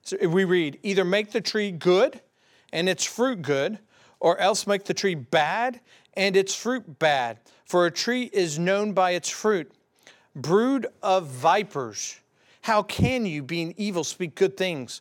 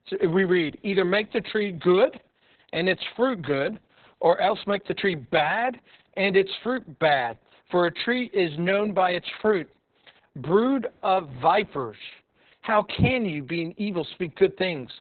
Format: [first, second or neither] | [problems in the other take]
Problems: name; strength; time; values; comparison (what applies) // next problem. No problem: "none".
first | garbled, watery; badly; nothing above 4 kHz